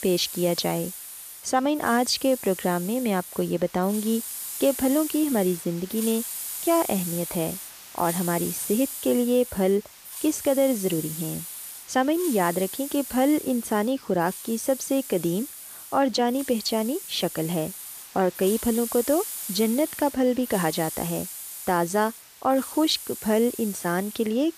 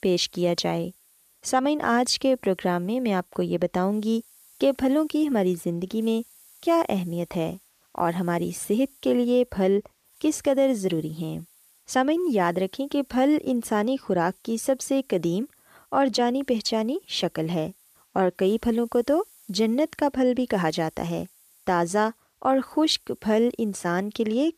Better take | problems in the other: second | hiss; loud; throughout; 9 dB below the speech; faint in the second

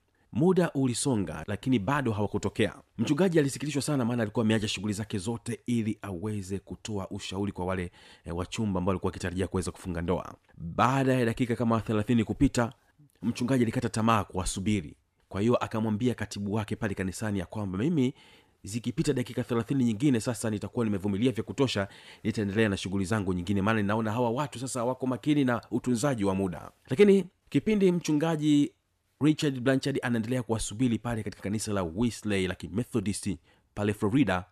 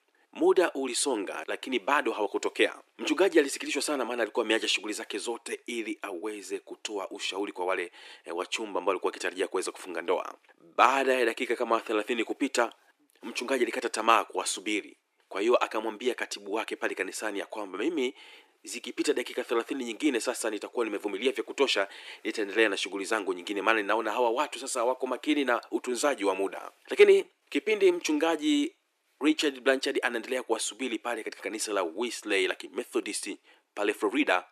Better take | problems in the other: first | thin; somewhat; fading below 350 Hz

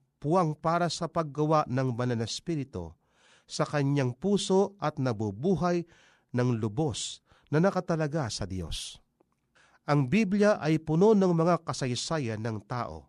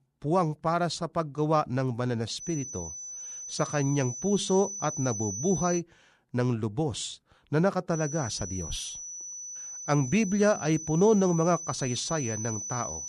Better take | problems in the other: first | high-pitched whine; loud; from 2.5 to 6 s and from 8 s on; 6 kHz, 8 dB below the speech

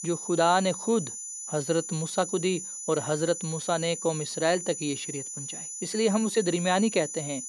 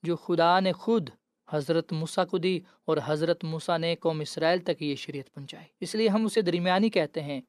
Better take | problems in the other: second | high-pitched whine; loud; throughout; 7 kHz, 7 dB below the speech

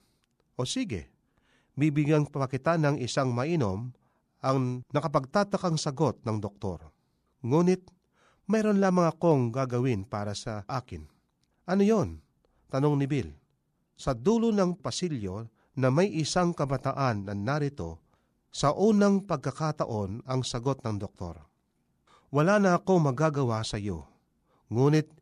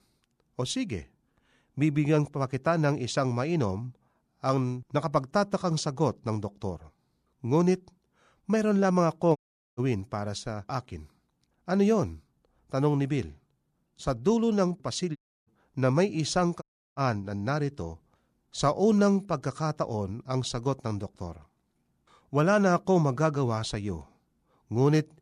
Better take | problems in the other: first | audio cutting out; at 9.5 s, at 15 s and at 17 s

